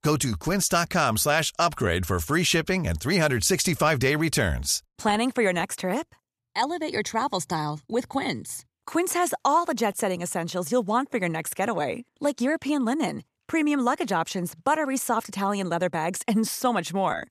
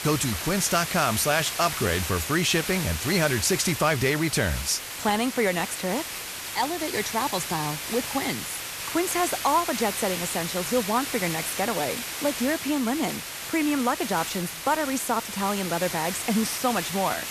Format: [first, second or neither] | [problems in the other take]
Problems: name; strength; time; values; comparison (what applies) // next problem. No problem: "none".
first | hiss; loud; throughout; 5 dB below the speech